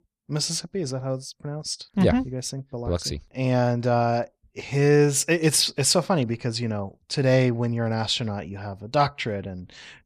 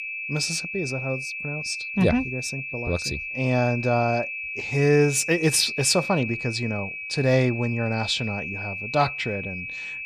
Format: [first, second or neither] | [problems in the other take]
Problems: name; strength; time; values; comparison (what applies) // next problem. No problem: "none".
first | high-pitched whine; loud; throughout; 2.5 kHz, 6 dB below the speech